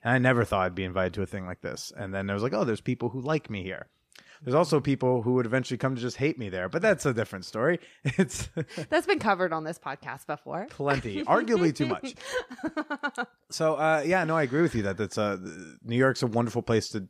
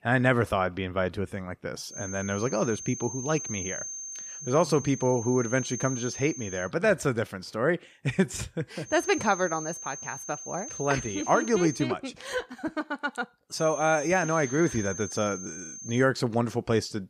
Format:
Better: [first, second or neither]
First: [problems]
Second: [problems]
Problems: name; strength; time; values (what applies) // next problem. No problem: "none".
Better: first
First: none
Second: high-pitched whine; loud; from 2 to 6.5 s, from 9 to 12 s and from 14 to 16 s; 6.5 kHz, 9 dB below the speech